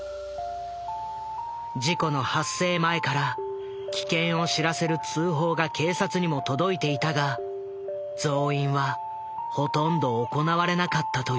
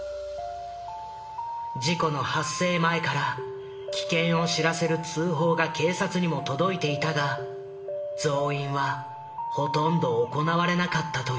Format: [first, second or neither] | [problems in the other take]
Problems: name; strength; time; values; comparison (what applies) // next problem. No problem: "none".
first | room echo; dies away in 1 s